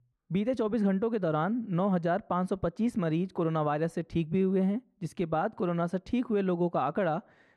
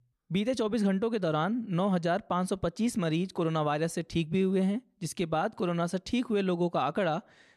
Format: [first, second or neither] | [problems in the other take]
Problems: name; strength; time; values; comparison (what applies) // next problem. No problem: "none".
second | muffled; slightly; fading above 2.5 kHz